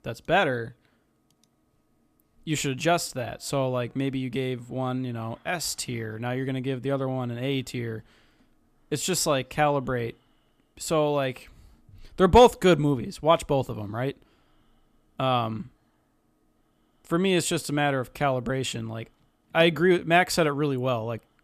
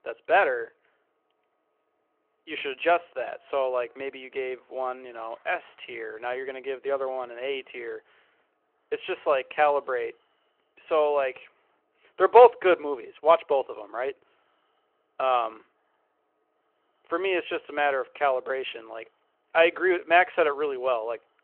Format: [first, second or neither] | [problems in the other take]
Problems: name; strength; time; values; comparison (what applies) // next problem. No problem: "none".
first | phone-call audio